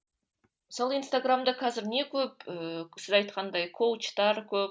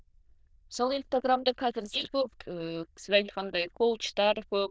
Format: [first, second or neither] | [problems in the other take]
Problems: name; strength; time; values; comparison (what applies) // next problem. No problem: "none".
first | noise reduction (neural diffusion model UNIVERSE++)